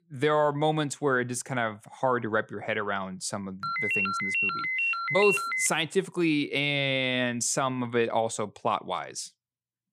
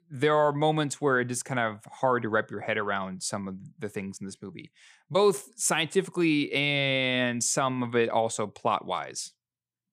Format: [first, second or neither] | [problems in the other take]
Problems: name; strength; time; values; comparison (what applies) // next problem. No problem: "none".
second | phone ringing; loud; from 3.5 to 5.5 s; peak 2 dB above the speech